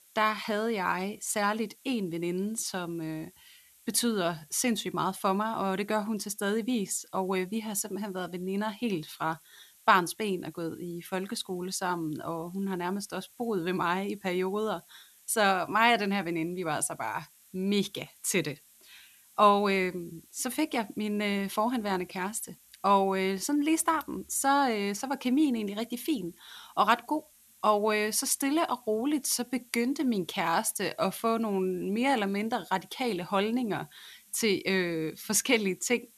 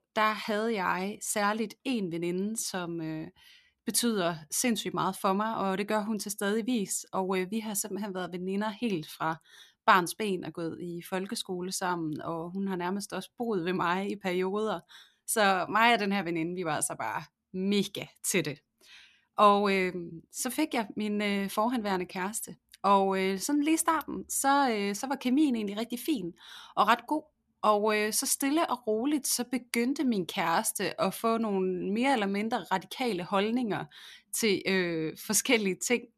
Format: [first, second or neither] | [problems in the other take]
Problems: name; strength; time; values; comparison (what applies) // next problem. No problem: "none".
second | hiss; faint; throughout; 25 dB below the speech